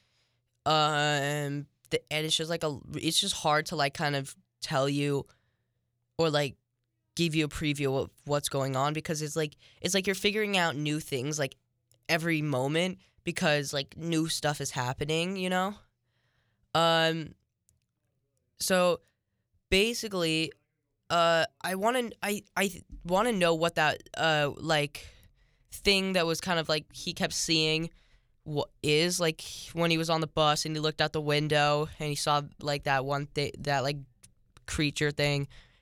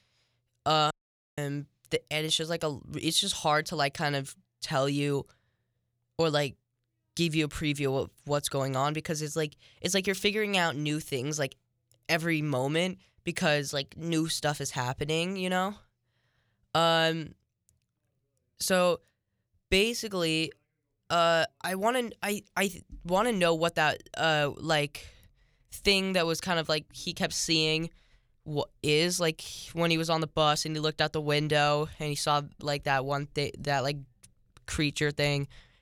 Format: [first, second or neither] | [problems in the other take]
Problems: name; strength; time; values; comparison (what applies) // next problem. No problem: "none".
first | audio cutting out; at 1 s